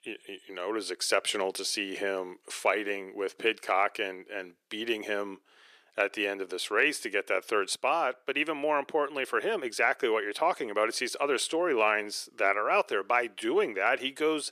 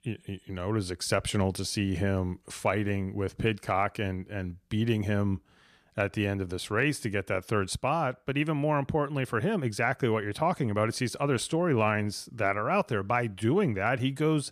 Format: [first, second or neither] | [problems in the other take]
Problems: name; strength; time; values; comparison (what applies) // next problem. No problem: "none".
second | thin; very; fading below 350 Hz